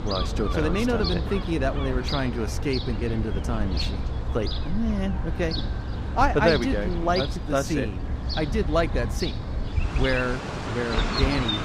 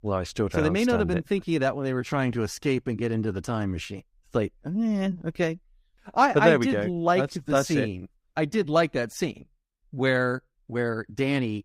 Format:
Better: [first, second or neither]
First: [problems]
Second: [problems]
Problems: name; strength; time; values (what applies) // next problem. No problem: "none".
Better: second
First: animal sounds; loud; throughout; 2 dB below the speech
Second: none